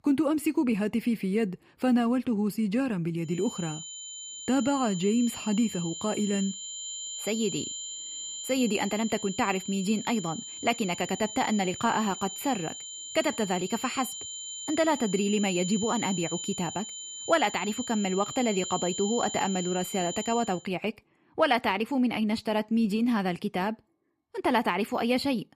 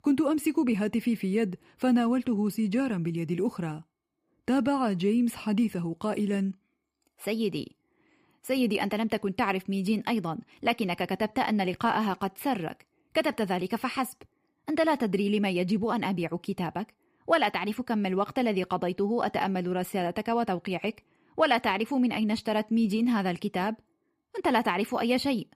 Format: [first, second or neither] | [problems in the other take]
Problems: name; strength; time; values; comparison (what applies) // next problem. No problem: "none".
second | high-pitched whine; loud; from 3.5 to 20 s; 7 kHz, 8 dB below the speech